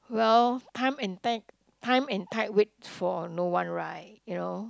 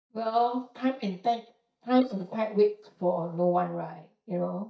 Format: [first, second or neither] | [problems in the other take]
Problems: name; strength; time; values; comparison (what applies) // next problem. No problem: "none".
first | noise reduction (neural mask model DeepFilterNet 3)